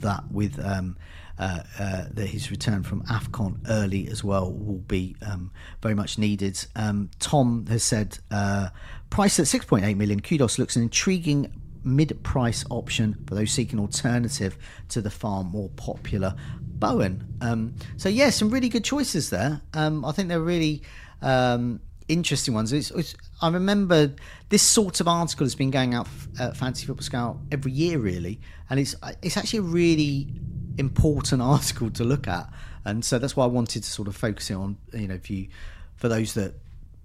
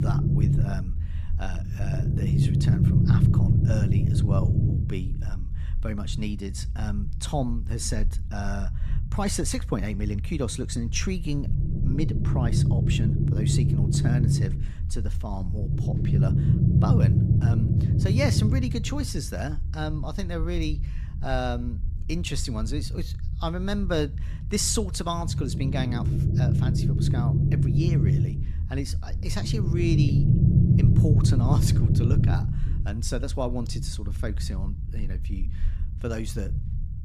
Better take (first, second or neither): first